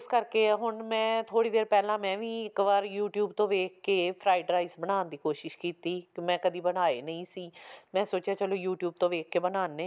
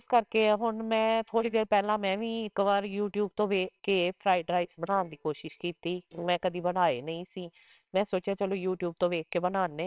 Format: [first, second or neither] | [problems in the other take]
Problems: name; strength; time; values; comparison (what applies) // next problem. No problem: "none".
first | noise reduction (neural separator model SepFormer WHAMR!)